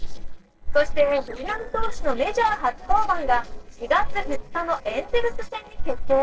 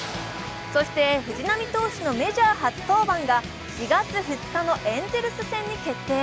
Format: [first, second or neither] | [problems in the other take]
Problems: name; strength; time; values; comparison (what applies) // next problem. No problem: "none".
second | noise reduction (neural separator model SepFormer DNS4)